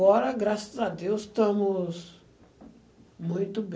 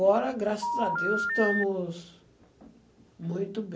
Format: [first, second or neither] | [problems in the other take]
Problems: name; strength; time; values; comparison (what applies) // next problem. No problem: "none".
first | background sound (Telephone); as loud as the speech